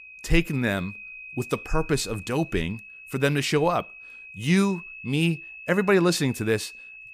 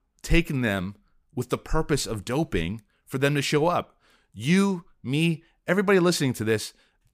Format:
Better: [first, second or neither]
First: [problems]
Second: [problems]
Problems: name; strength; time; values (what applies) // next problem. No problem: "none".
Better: second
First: high-pitched whine; noticeable; throughout; 2.5 kHz, 15 dB below the speech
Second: none